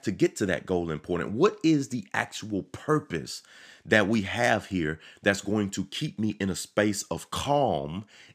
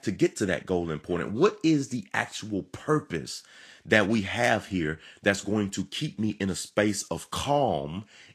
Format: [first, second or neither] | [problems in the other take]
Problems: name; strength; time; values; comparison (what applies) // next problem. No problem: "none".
first | garbled, watery; slightly; nothing above 13 kHz